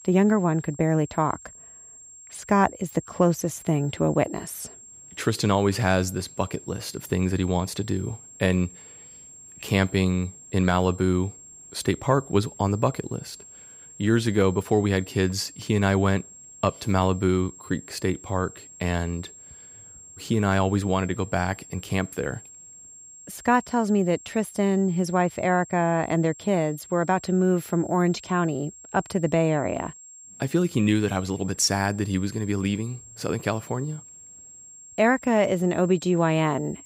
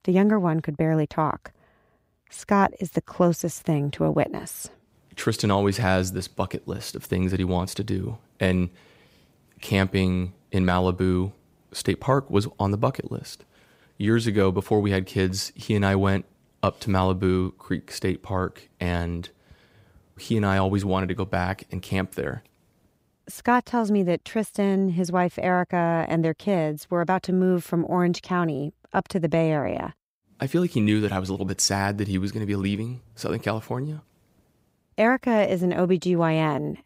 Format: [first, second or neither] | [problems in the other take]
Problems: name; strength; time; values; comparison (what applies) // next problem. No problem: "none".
second | high-pitched whine; noticeable; throughout; 7.5 kHz, 20 dB below the speech